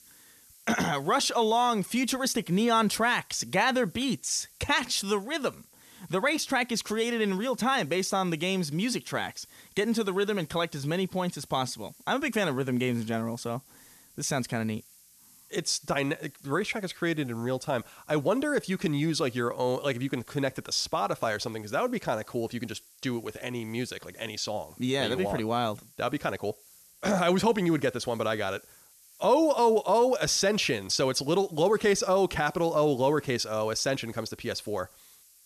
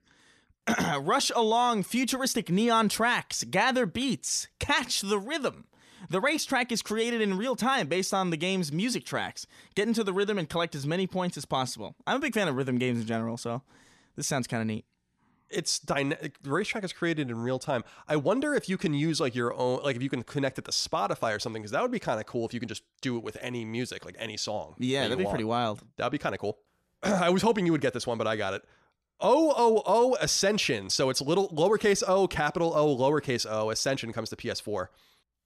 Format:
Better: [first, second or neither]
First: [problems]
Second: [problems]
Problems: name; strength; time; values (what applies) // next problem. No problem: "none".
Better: second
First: hiss; faint; throughout; 25 dB below the speech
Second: none